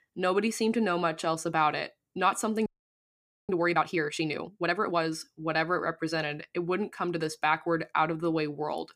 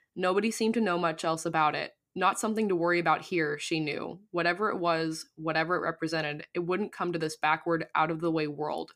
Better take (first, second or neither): second